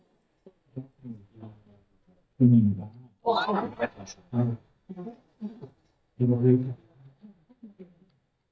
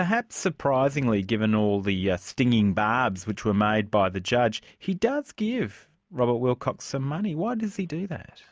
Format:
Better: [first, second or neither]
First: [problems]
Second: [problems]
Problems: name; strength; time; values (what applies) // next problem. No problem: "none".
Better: second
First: noise reduction (neural mask model DeepFilterNet 3)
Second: none